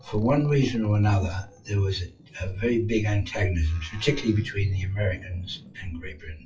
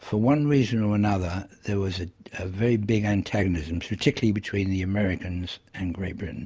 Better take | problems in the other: second | noise reduction (classical method WPE with log-MMSE)

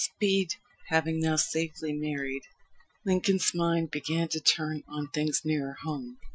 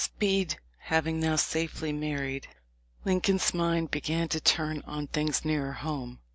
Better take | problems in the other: second | noise reduction (classical method Wiener filter)

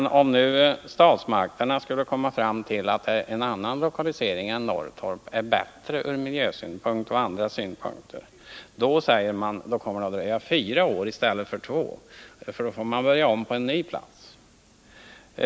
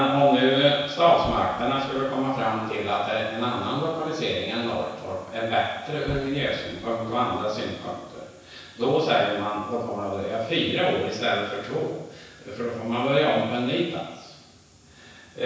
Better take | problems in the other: first | background sound (Boom); 19 dB below the speech // room echo; dies away in 1.1 s

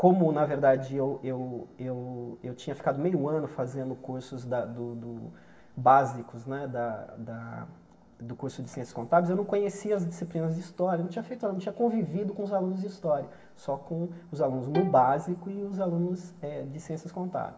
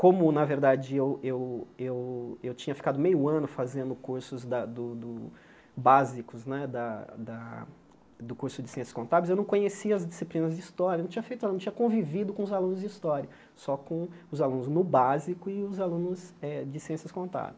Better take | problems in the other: second | background sound (Bowed string instrument); 10 dB below the speech // room echo; dies away in 2.1 s

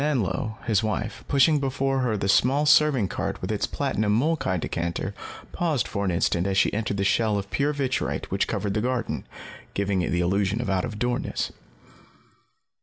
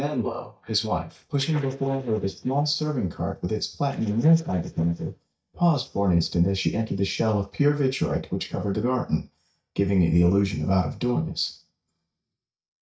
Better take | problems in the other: first | noise reduction (neural mask model DeepFilterNet 3)

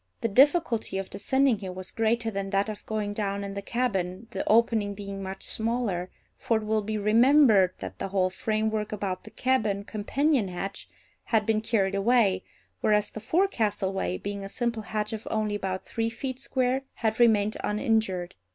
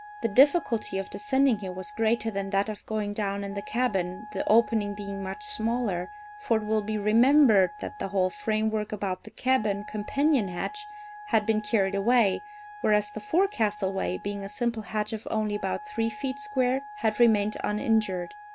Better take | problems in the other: first | background sound (Wind instrument, woodwind instrument); 17 dB below the speech

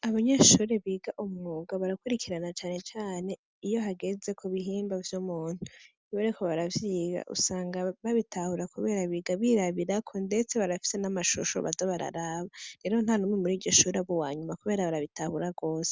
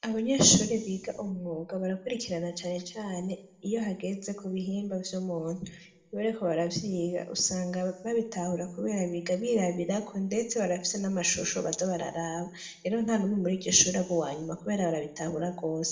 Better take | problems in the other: first | room echo; dies away in 0.7 s

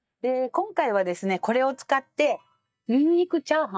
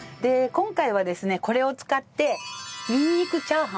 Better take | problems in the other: second | noise reduction (neural mask model DeepFilterNet 3)

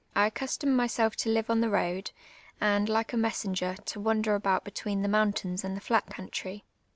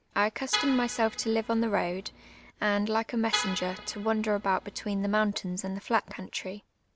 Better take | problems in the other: first | background sound (Vehicle horn, car horn, honking); 9 dB below the speech

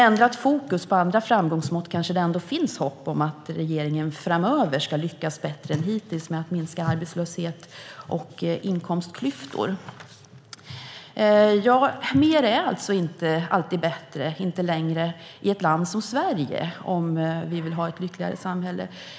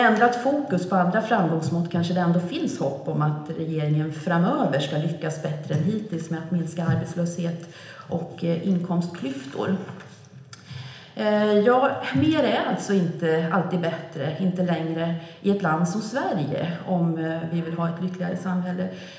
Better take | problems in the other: first | room echo; dies away in 0.8 s

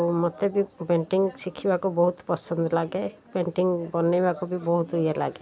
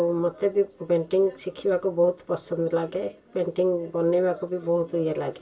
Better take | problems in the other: first | room echo; dies away in 0.2 s

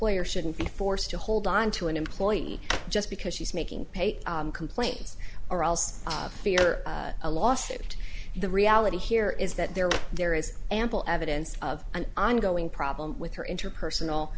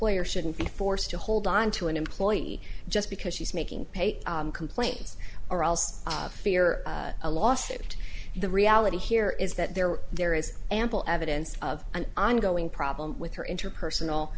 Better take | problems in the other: second | background sound (Drawer open or close); 14 dB below the speech

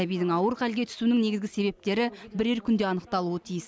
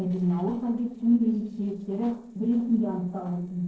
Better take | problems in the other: first | noise reduction (neural separator model SepFormer DNS4)

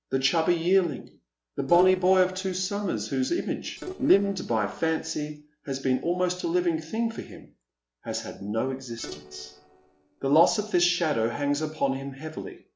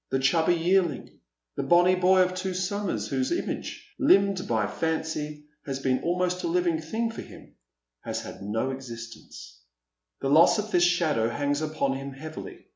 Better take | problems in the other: second | noise reduction (neural separator model SepFormer DNS4)

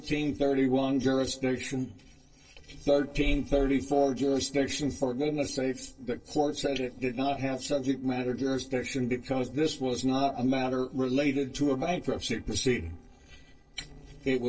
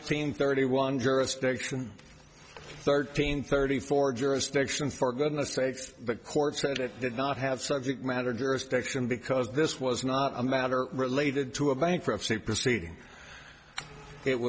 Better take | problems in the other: second | noise reduction (neural separator model SepFormer DNS4)

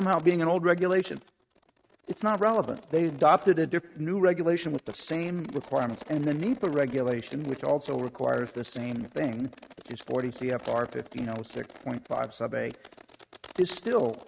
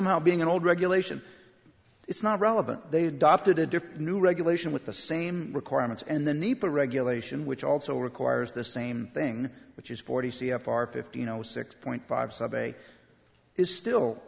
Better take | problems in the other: second | noise reduction (neural mask model RNNoise)

